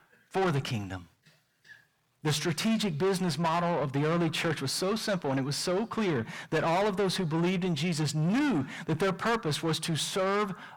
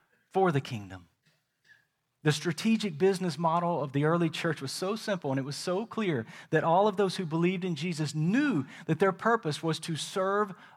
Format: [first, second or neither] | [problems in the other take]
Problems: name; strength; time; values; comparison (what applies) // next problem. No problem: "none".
second | distortion; heavy; 7 dB below the speech